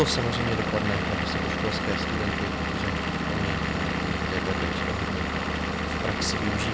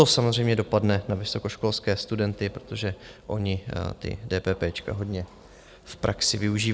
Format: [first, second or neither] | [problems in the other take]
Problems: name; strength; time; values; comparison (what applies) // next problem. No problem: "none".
second | background sound (Engine / Vehicle); 4 dB above the speech